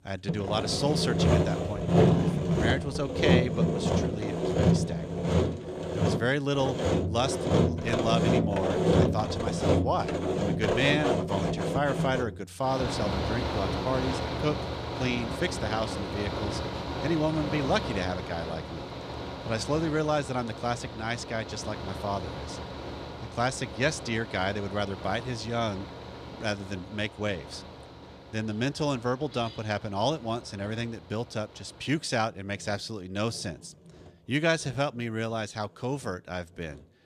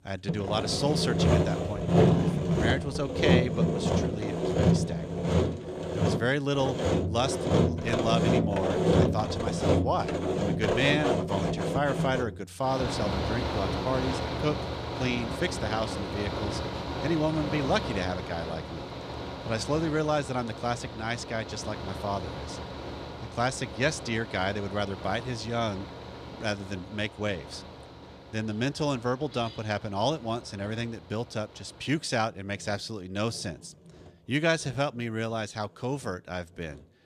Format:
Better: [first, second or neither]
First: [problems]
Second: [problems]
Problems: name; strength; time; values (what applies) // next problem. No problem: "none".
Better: neither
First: machinery noise; very loud; throughout; 1 dB above the speech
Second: machinery noise; very loud; throughout; 1 dB above the speech